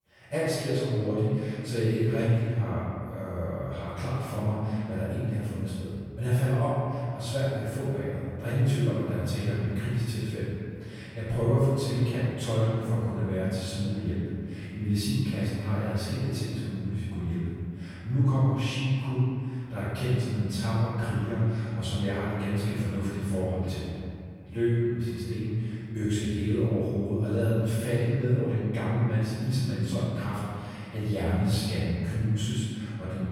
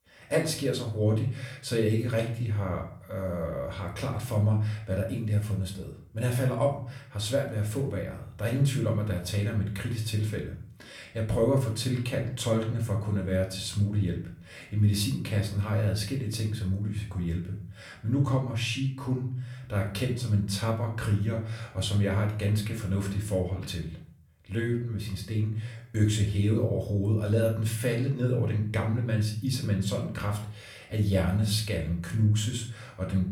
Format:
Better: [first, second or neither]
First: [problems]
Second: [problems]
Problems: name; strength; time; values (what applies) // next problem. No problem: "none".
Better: second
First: room echo; strong; dies away in 2.2 s // off-mic speech; far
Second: room echo; slight; dies away in 0.4 s // off-mic speech; somewhat distant